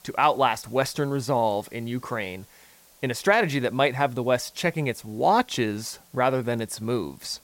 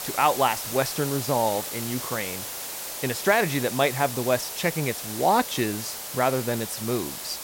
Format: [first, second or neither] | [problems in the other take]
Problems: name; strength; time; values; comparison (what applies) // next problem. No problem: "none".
first | hiss; loud; throughout; 6 dB below the speech; faint in the first